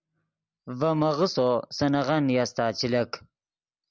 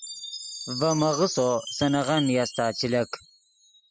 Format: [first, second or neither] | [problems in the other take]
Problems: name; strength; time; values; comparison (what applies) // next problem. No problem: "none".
first | noise reduction (classical method spectral subtraction)